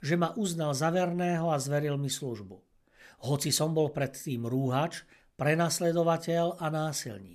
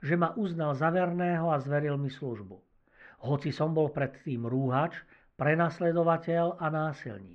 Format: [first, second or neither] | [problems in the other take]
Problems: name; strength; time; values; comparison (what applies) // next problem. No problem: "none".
first | muffled; very; fading above 2.5 kHz